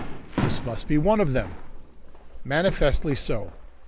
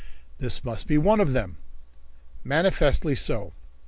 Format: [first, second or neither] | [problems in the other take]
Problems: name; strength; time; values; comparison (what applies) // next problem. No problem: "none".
second | background sound (Fireworks); 11 dB below the speech